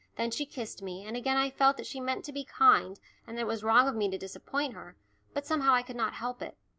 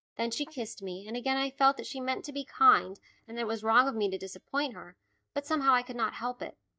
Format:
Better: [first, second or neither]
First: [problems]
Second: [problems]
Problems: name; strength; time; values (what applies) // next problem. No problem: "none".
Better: first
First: none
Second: noise reduction (neural mask model DeepFilterNet 3)